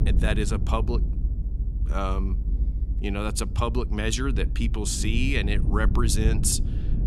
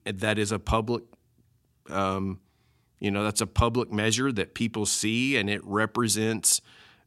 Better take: second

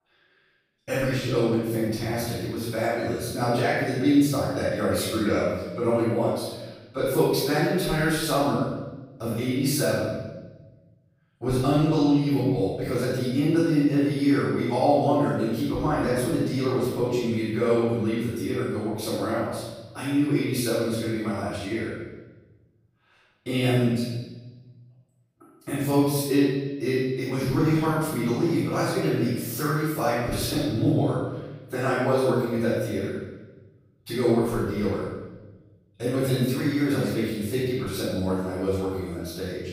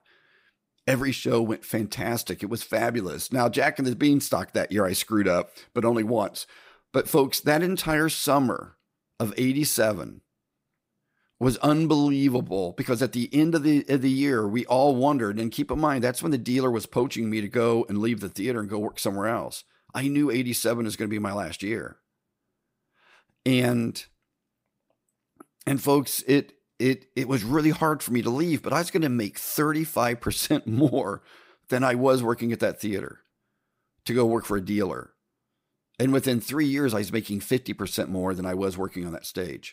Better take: second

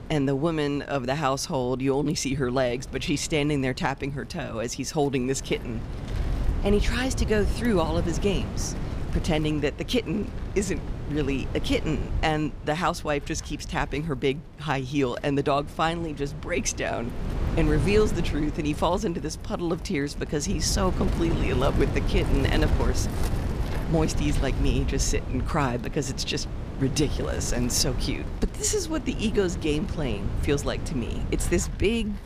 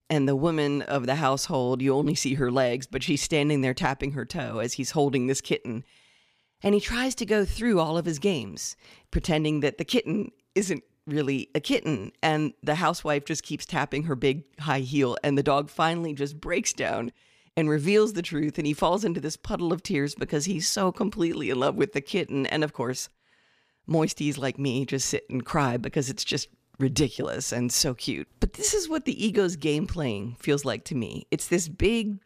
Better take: second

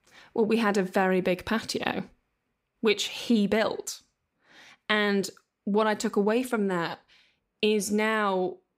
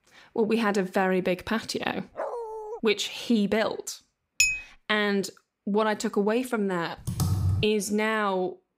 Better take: first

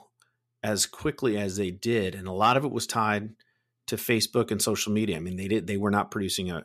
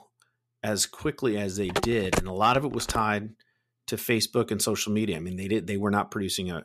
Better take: first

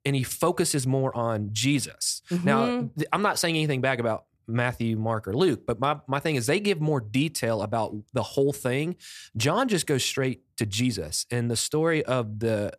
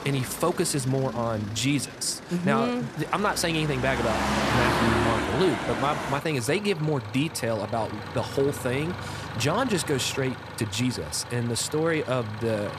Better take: first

